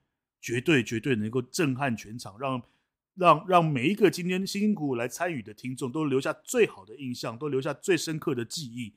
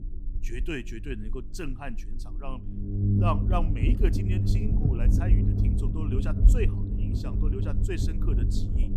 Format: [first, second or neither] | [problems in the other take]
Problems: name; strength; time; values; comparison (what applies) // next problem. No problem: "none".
first | low rumble; loud; throughout; 2 dB below the speech